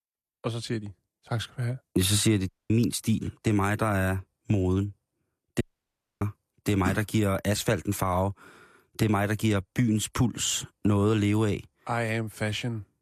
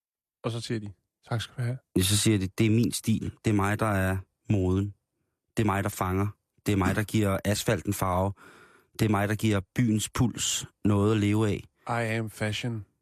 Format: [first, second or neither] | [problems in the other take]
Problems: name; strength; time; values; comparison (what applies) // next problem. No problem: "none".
second | audio cutting out; at 2.5 s and at 5.5 s for 0.5 s